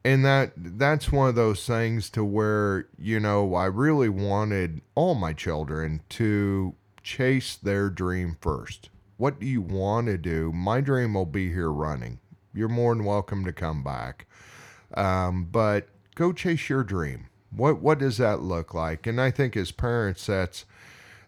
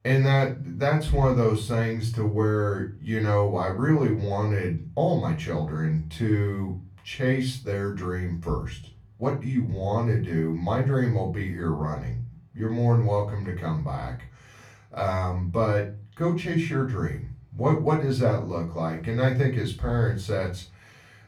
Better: first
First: none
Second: off-mic speech; far // room echo; slight; dies away in 0.3 s

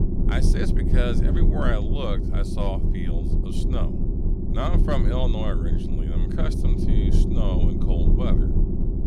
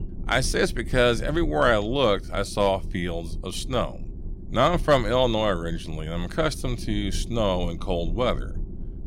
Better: second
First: low rumble; loud; throughout; 1 dB below the speech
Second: low rumble; faint; throughout; 25 dB below the speech

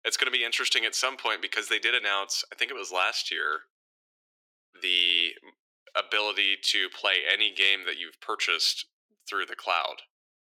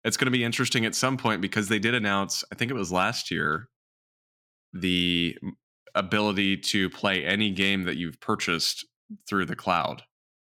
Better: second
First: thin; very; fading below 400 Hz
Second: none

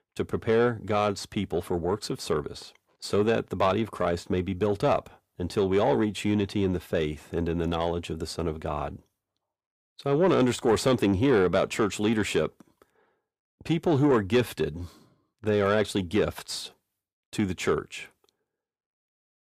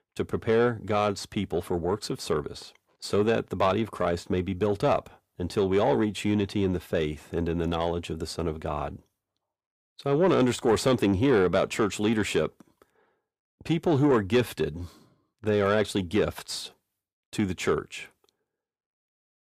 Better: neither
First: distortion; slight; 10 dB below the speech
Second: distortion; slight; 10 dB below the speech

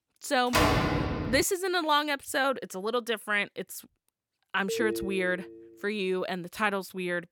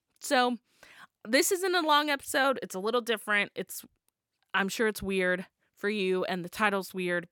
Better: second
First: door banging; loud; at 0.5 s; peak 5 dB above the speech // phone ringing; noticeable; at 4.5 s; peak 3 dB below the speech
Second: none

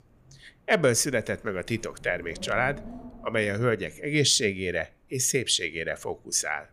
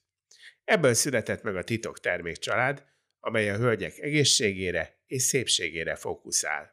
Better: second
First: wind noise on the microphone; occasional gusts; 25 dB below the speech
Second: none

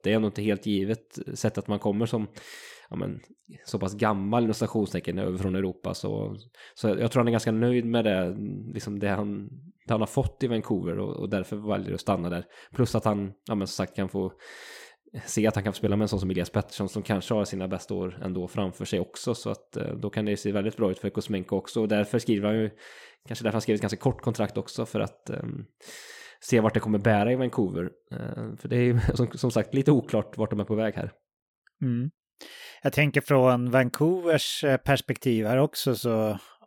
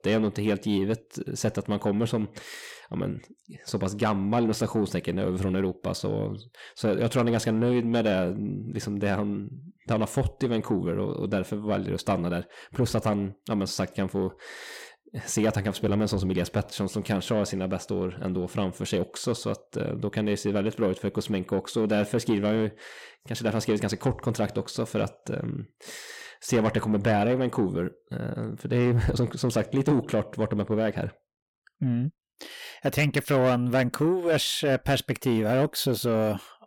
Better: first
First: none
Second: distortion; slight; 10 dB below the speech

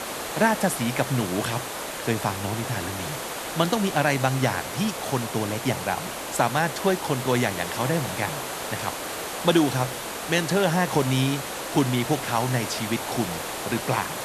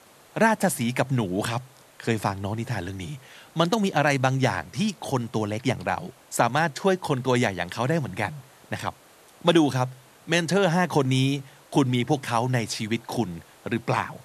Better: second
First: hiss; loud; throughout; 5 dB below the speech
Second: hiss; faint; throughout; 25 dB below the speech

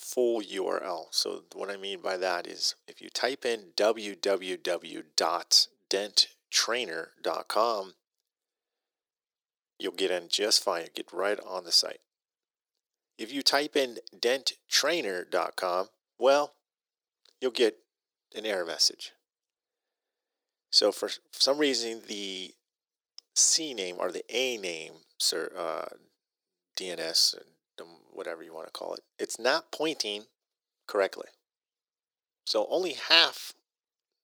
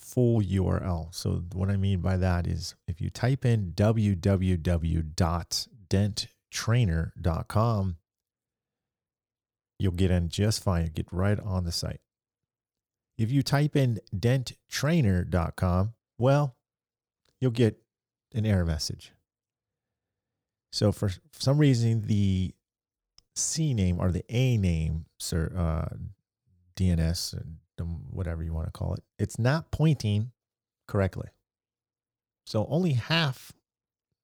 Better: second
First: thin; very; fading below 350 Hz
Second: none

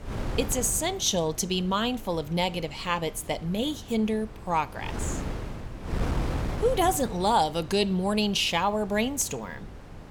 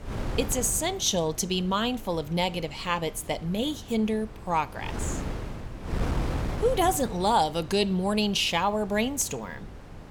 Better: neither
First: wind noise on the microphone; occasional gusts; 15 dB below the speech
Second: wind noise on the microphone; occasional gusts; 15 dB below the speech

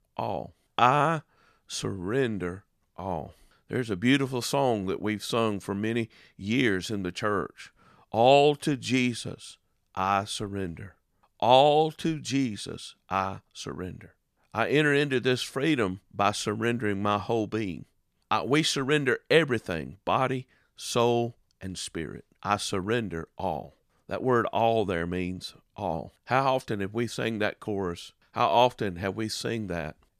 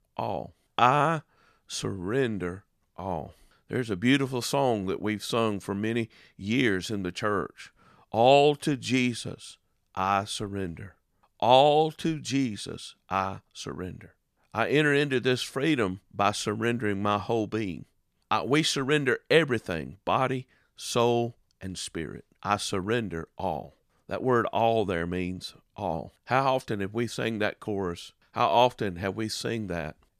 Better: neither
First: none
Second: none

